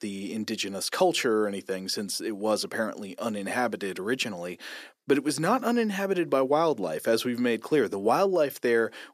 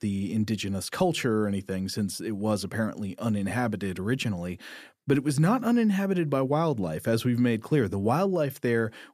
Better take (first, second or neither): second